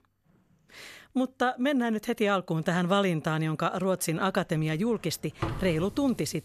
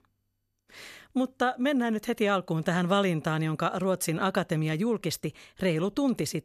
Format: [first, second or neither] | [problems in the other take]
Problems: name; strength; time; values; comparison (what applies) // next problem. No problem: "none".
second | household noises; noticeable; throughout; 10 dB below the speech